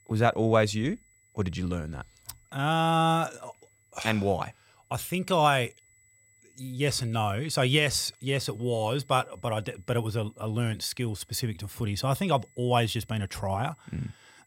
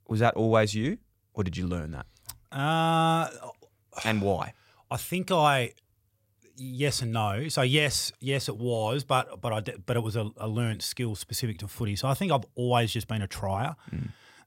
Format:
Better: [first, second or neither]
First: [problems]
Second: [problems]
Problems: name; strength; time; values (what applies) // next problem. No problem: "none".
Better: second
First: high-pitched whine; faint; throughout; 8 kHz, 35 dB below the speech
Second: none